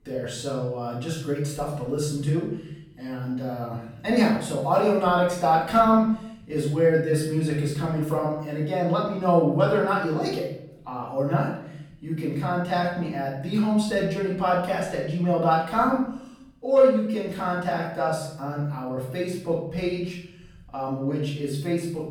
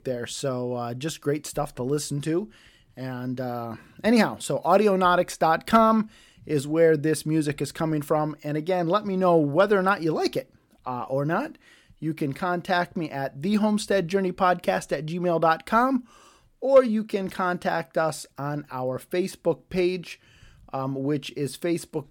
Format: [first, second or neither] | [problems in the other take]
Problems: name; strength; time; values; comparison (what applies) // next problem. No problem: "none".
second | off-mic speech; far // room echo; noticeable; dies away in 0.8 s